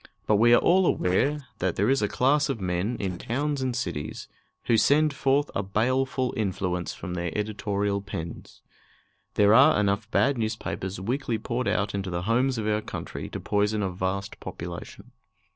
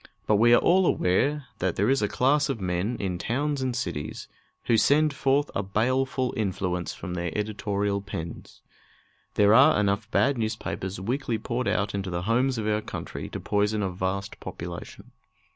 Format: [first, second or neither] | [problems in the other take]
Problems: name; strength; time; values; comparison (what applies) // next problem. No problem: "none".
second | noise reduction (neural separator model SepFormer DNS4)